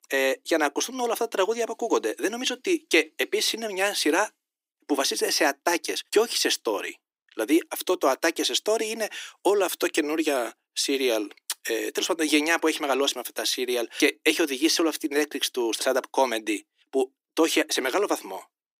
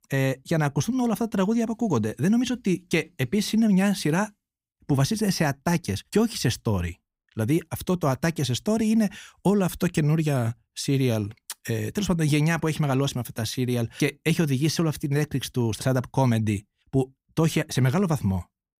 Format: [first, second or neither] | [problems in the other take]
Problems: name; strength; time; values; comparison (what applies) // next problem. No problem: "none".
second | thin; very; fading below 300 Hz